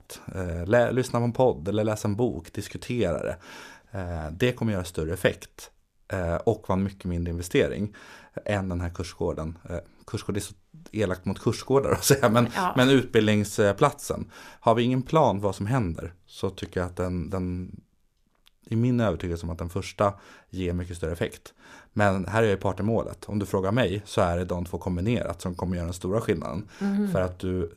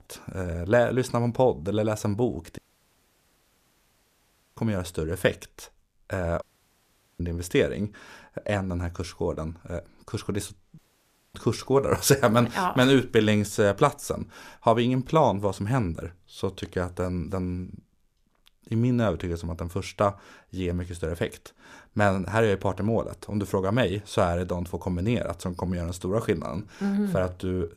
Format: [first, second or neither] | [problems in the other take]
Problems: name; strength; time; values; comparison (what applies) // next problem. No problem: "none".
first | audio cutting out; at 2.5 s for 2 s, at 6.5 s for 1 s and at 11 s for 0.5 s